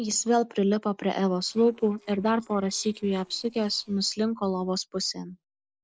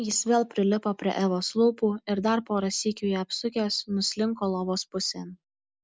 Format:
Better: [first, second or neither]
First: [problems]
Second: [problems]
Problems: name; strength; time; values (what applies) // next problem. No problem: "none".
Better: second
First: noise reduction (neural separator model SepFormer DNS4)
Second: none